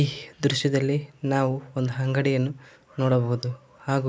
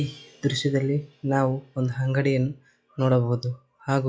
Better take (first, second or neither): first